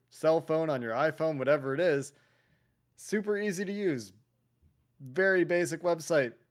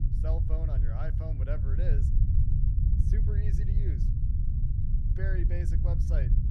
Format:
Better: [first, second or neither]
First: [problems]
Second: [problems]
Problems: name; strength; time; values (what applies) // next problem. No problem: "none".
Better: first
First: none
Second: low rumble; loud; throughout; 1 dB below the speech